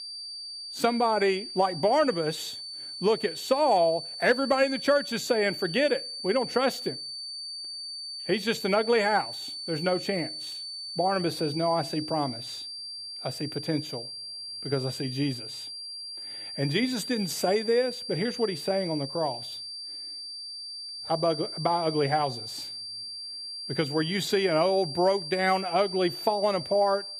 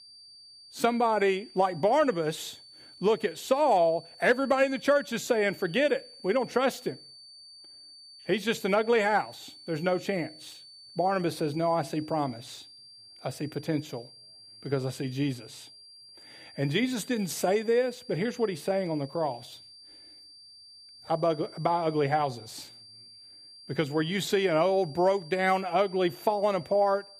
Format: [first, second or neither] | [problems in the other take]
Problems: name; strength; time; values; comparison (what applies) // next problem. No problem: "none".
second | high-pitched whine; loud; throughout; 4.5 kHz, 8 dB below the speech; faint in the second